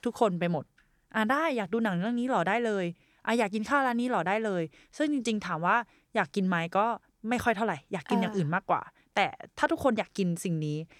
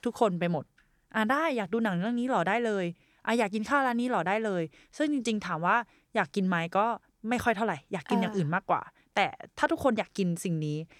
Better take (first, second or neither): neither